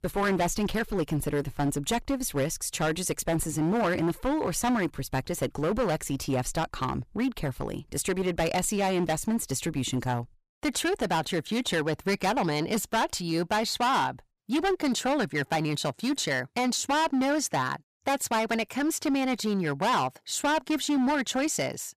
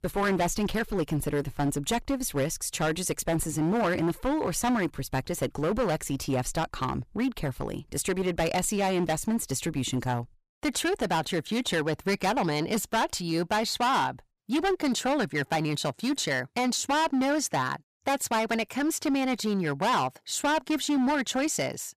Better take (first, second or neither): neither